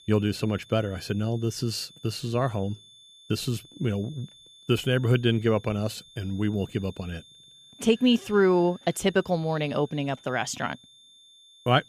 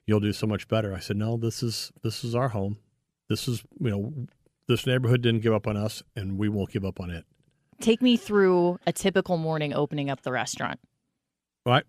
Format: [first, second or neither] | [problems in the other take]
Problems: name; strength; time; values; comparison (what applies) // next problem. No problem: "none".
second | high-pitched whine; faint; throughout; 3.5 kHz, 25 dB below the speech